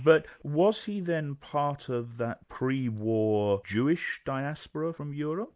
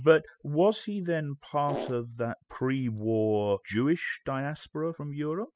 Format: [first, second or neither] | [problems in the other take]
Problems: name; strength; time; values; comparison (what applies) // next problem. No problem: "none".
first | noise reduction (classical method spectral subtraction)